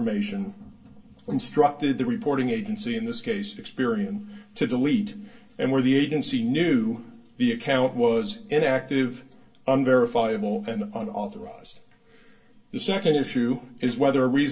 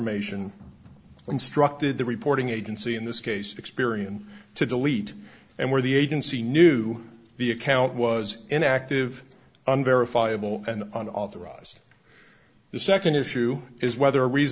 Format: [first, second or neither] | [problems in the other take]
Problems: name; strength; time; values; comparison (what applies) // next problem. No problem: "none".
second | room echo; dies away in 0.1 s